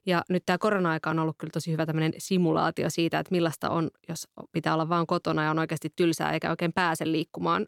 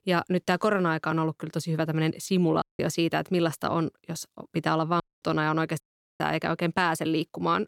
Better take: first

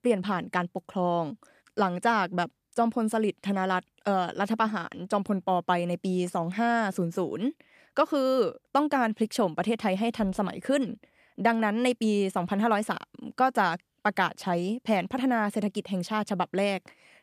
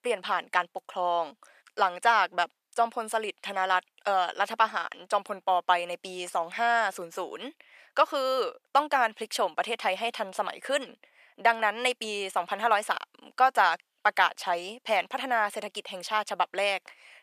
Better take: first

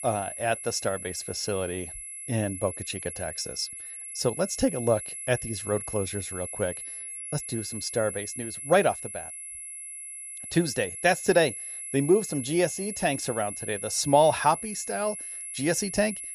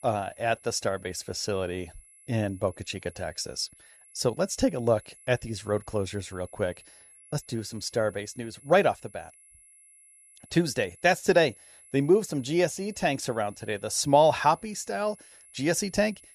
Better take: second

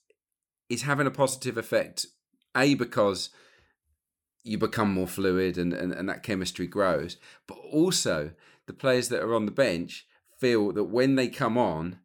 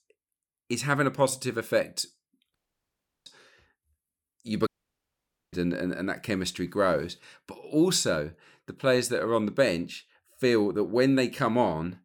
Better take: first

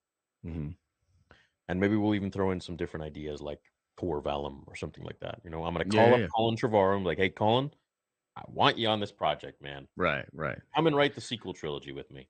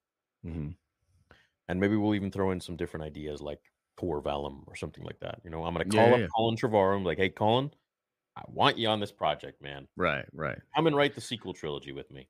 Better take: second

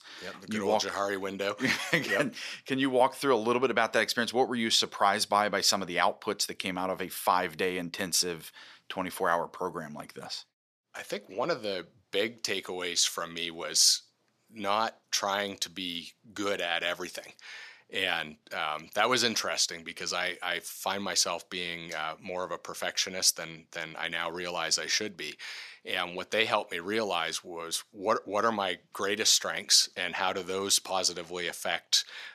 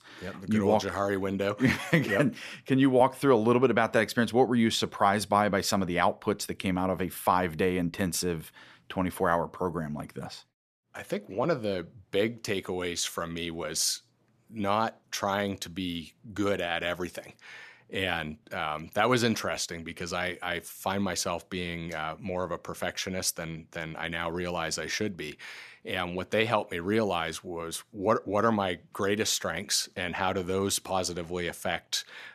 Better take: second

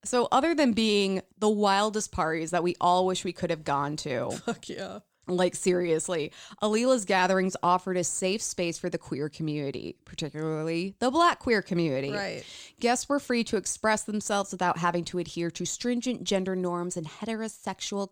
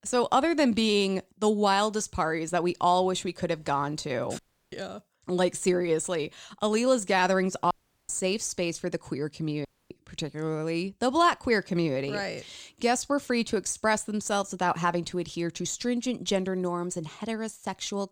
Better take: first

